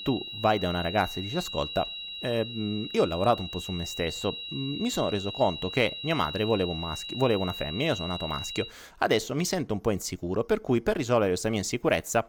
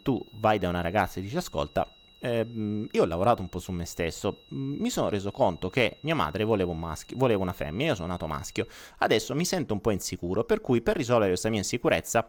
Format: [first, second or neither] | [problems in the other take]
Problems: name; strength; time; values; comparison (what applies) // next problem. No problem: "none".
second | high-pitched whine; loud; until 8.5 s; 4 kHz, 7 dB below the speech; faint in the second